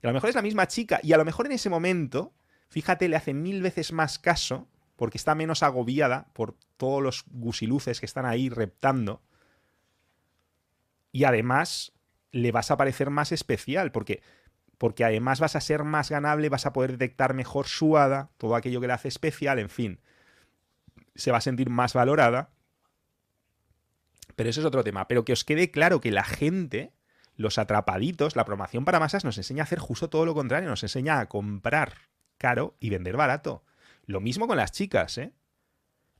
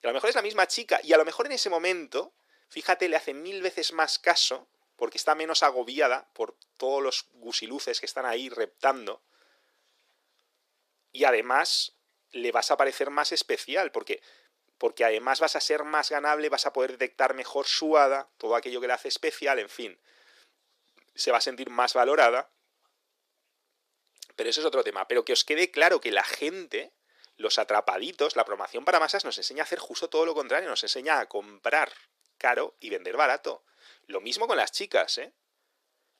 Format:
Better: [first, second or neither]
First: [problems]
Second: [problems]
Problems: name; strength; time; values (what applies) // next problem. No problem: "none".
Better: first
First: none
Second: thin; very; fading below 350 Hz